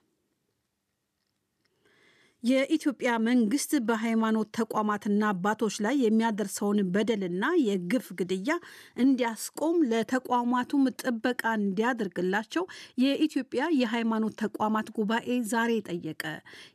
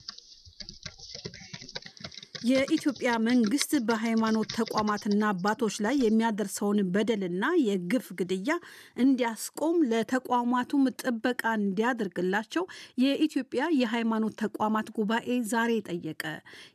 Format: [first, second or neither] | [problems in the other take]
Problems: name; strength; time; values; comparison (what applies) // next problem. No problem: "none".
first | keyboard typing; noticeable; until 6 s; peak 8 dB below the speech